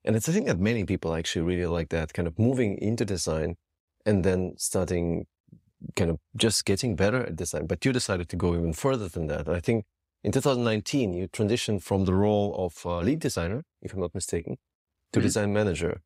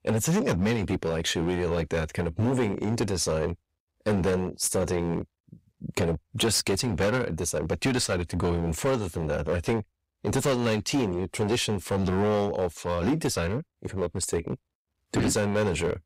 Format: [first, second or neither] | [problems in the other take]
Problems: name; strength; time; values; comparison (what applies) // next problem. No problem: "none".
first | distortion; heavy; 11% of the sound clipped